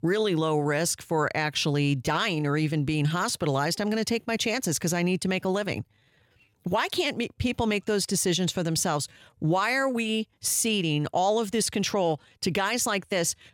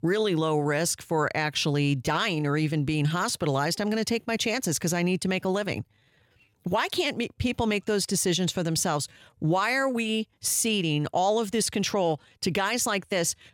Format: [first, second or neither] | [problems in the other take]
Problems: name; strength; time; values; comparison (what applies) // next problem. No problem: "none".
neither | none